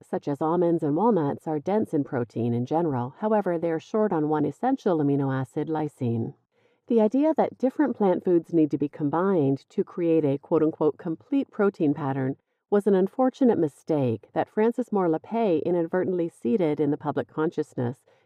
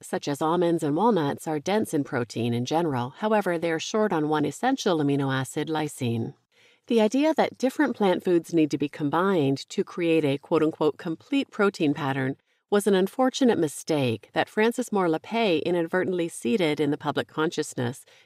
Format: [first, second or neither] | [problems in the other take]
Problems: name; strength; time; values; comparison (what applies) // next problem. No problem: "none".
second | muffled; very; fading above 1.5 kHz